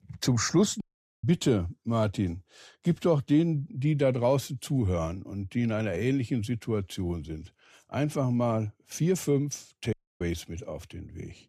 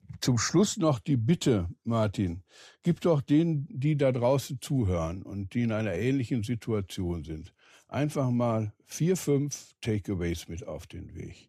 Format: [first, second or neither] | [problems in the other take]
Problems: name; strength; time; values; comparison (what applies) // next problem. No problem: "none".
second | audio cutting out; at 1 s and at 10 s